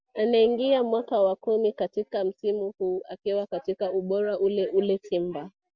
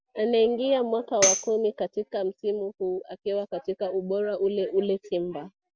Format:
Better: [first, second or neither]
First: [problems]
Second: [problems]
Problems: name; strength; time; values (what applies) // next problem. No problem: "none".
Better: first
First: none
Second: background sound (Tambourine); 3 dB below the speech